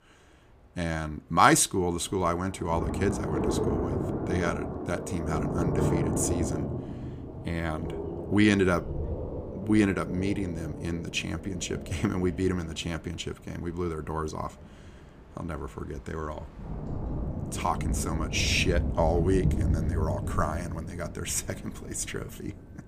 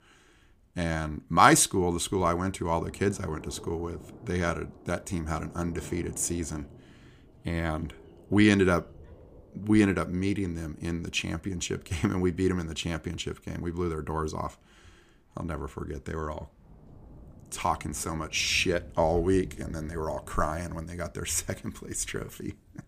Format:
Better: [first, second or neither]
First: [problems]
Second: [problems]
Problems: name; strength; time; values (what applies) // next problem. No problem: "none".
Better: second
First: rain or running water; loud; throughout; 4 dB below the speech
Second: rain or running water; faint; throughout; 20 dB below the speech